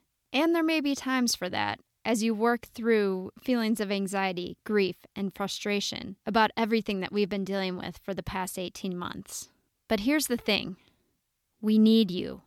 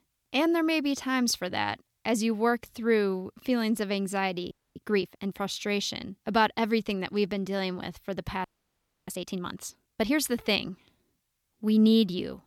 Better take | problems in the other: first | audio freezing; at 4.5 s and at 8.5 s for 0.5 s

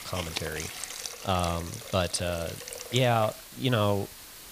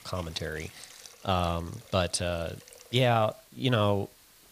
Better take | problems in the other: second | hiss; loud; throughout; 9 dB below the speech; faint in the second

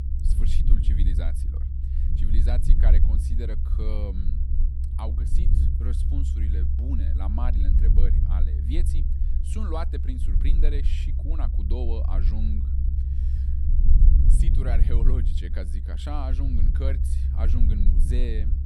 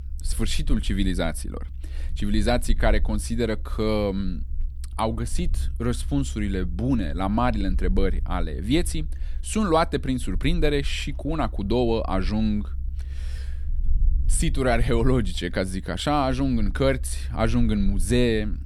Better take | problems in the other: second | low rumble; loud; throughout; 3 dB below the speech; faint in the second

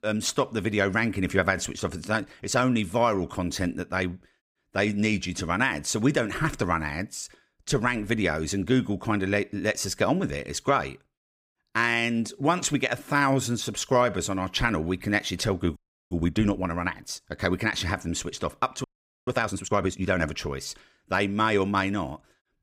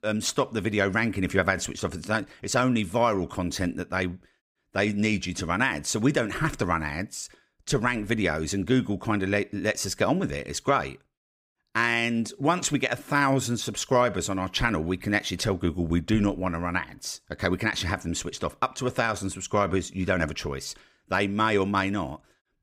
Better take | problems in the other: second | audio freezing; at 16 s and at 19 s

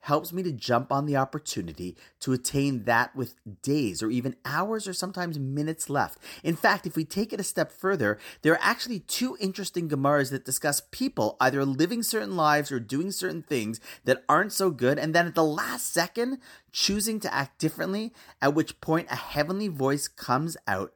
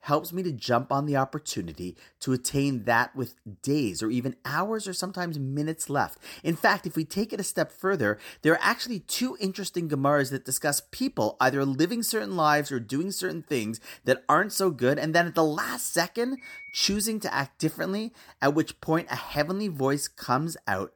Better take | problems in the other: first | phone ringing; faint; at 16 s; peak 15 dB below the speech

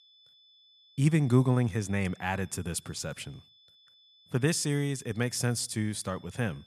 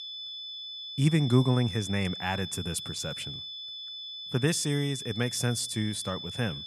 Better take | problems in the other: first | high-pitched whine; loud; throughout; 3.5 kHz, 8 dB below the speech; faint in the first

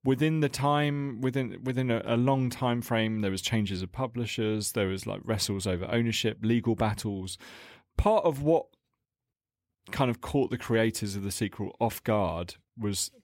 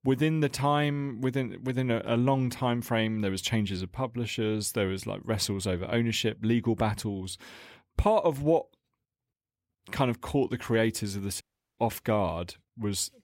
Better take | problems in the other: first | audio cutting out; at 11 s

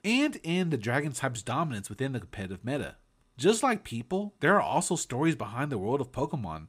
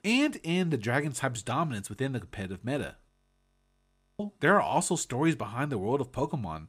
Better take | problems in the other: first | audio freezing; at 3 s for 1 s

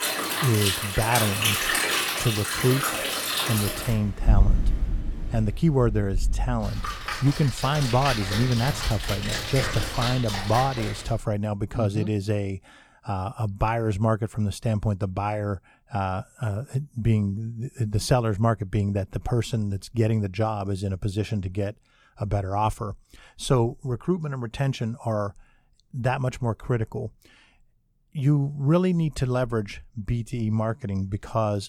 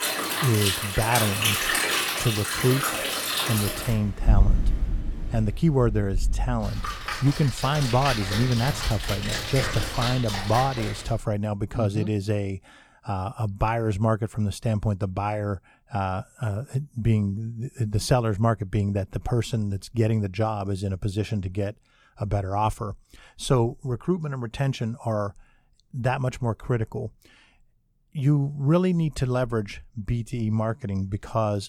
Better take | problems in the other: neither | rain or running water; loud; until 11 s; as loud as the speech; the same in both

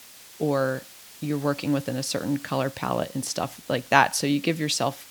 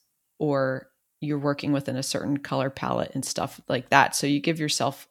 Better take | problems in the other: second | hiss; noticeable; throughout; 20 dB below the speech

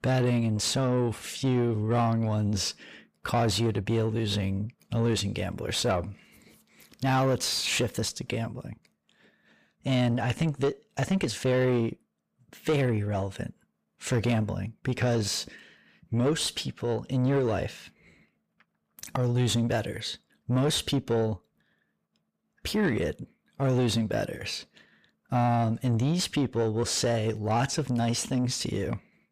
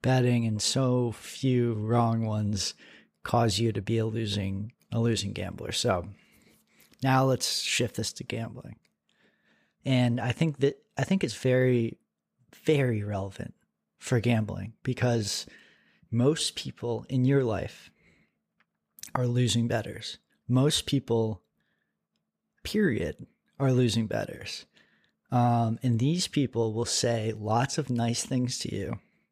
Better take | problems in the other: second | distortion; slight; 10 dB below the speech

